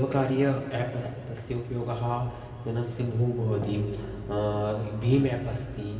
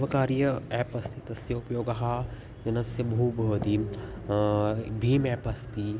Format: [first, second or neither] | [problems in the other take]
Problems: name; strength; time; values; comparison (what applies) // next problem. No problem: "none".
second | room echo; dies away in 2.3 s